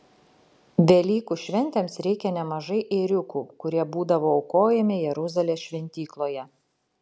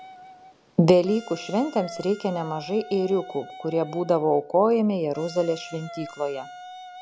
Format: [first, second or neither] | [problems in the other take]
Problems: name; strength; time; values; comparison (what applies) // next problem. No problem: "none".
first | background sound (Wind instrument, woodwind instrument); 18 dB below the speech